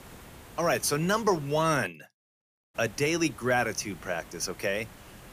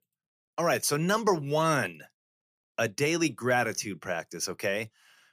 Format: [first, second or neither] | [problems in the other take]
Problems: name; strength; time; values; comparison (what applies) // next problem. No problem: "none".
second | hiss; faint; until 2 s and from 3 s on; 20 dB below the speech